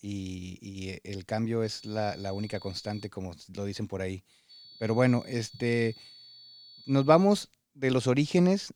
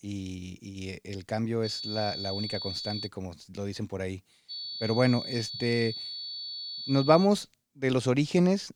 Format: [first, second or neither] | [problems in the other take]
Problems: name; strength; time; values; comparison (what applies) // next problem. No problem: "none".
first | high-pitched whine; loud; from 1.5 to 3 s and from 4.5 to 7.5 s; 4.5 kHz, 6 dB below the speech; faint in the first